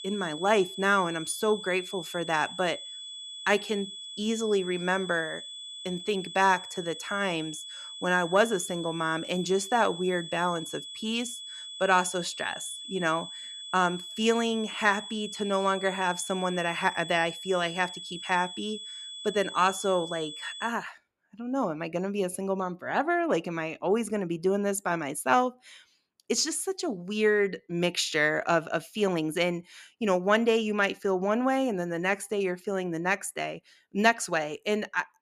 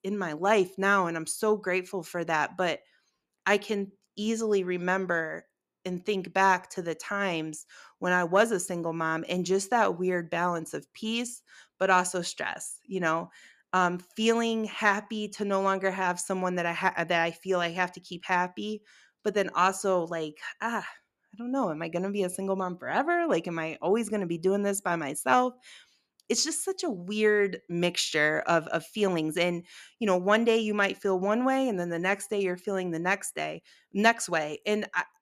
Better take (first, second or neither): second